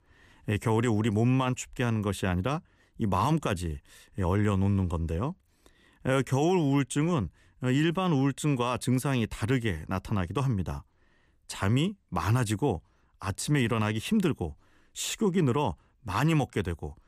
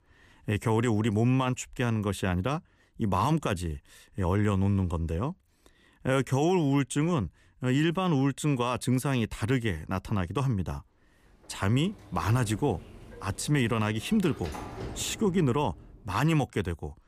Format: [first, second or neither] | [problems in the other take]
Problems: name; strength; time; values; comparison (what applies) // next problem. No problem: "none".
first | door banging; faint; from 12 to 16 s; peak 10 dB below the speech